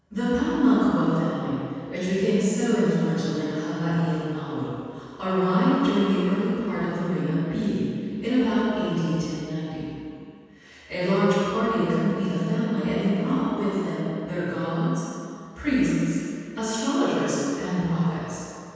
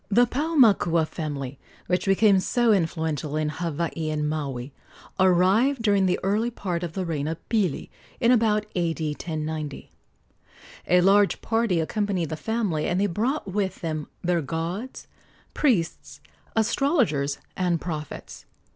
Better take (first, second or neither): second